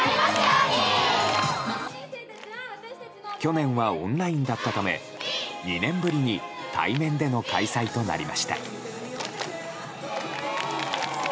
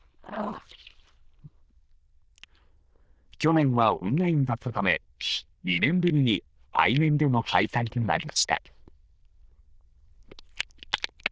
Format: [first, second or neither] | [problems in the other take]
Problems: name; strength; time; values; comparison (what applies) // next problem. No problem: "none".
first | noise reduction (neural diffusion model UNIVERSE++)